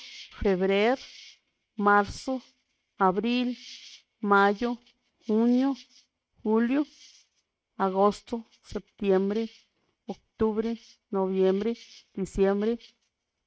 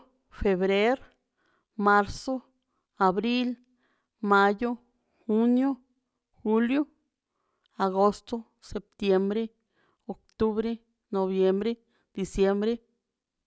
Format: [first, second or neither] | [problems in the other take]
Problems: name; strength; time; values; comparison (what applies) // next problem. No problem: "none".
second | noise reduction (neural mask model RNNoise)